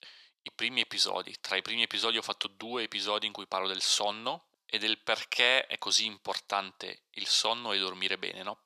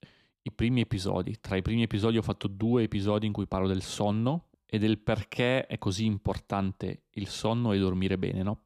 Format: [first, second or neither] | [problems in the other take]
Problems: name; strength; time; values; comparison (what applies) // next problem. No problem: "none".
second | thin; very; fading below 850 Hz